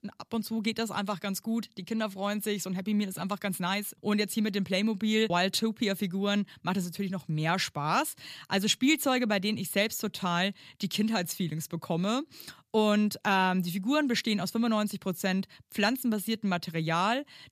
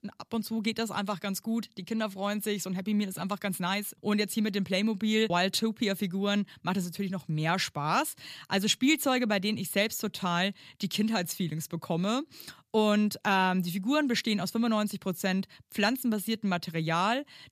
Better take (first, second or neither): neither